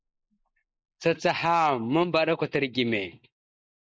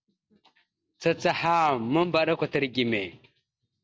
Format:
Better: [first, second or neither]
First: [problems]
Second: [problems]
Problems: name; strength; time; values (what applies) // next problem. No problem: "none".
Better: second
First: noise reduction (neural mask model Resemble Enhance denoiser)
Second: none